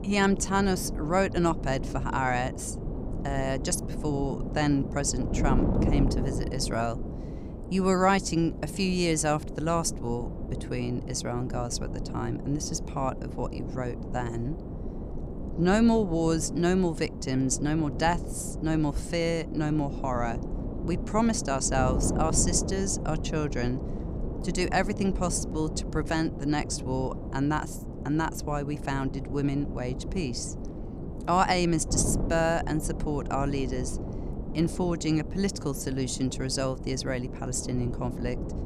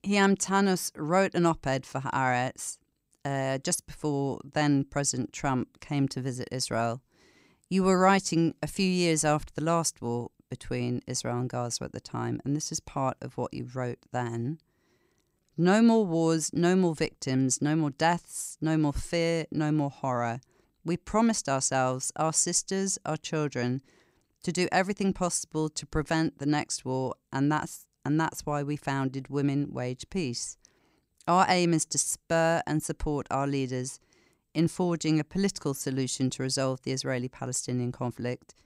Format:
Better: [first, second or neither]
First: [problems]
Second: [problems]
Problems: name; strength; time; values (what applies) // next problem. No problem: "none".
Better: second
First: wind noise on the microphone; occasional gusts; 10 dB below the speech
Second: none